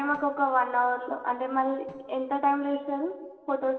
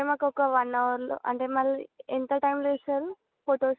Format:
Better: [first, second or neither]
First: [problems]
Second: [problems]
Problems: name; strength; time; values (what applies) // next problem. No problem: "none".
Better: second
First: noise reduction (neural separator model SepFormer DNS4)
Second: none